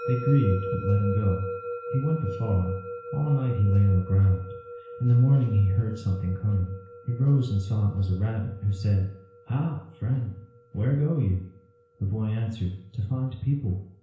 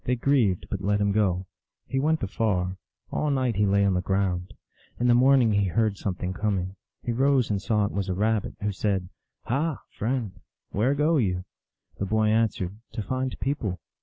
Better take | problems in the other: second | background sound (Musical instrument); 13 dB below the speech // room echo; dies away in 0.5 s

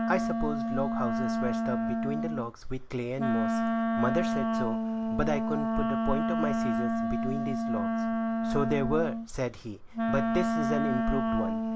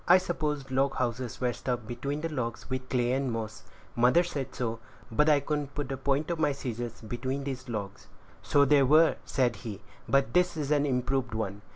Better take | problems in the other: second | background sound (Wind instrument, woodwind instrument); 4 dB above the speech

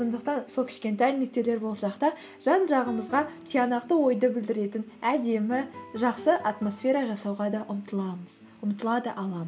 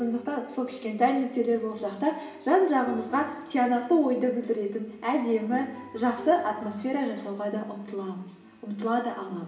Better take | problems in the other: first | room echo; dies away in 0.8 s

